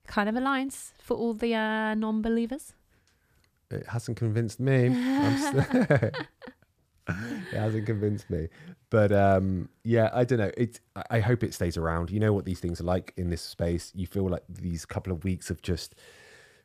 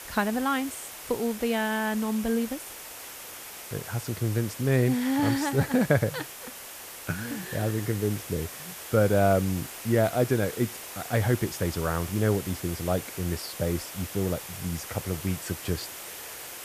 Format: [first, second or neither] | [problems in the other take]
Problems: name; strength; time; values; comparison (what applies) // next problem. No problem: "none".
first | hiss; noticeable; throughout; 10 dB below the speech